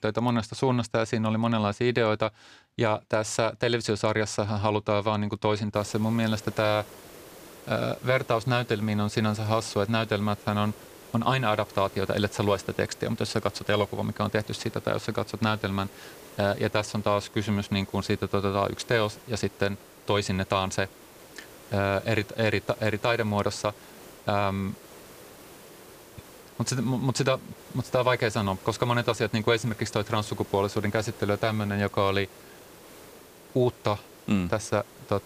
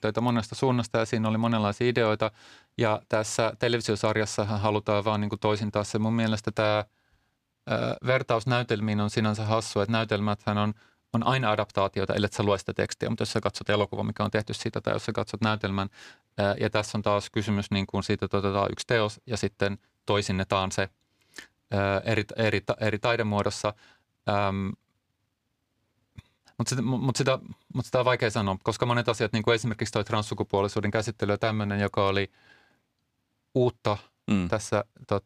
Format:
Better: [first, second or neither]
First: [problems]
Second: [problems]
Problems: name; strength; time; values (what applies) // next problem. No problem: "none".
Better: second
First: hiss; faint; from 6 s on; 20 dB below the speech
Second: none